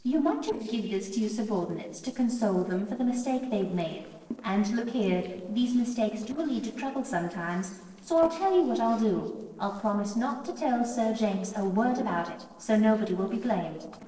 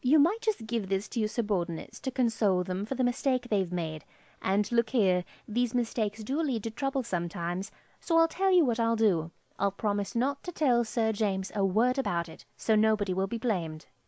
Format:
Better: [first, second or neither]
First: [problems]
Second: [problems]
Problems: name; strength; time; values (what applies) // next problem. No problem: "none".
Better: second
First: noise reduction (neural separator model SepFormer DNS4)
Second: none